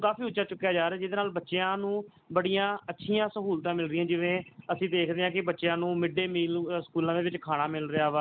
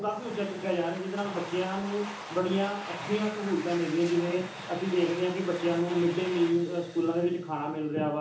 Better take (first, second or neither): first